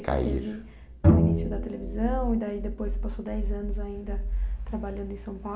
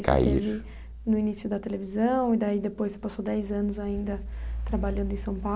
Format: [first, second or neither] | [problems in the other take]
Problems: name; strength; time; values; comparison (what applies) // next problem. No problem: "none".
second | background sound (Bowed string instrument); 5 dB above the speech // room echo; dies away in 1.9 s